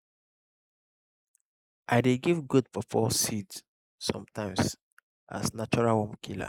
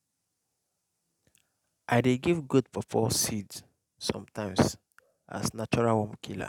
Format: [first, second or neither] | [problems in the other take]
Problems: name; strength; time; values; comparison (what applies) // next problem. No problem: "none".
second | noise reduction (neural mask model Resemble Enhance denoiser)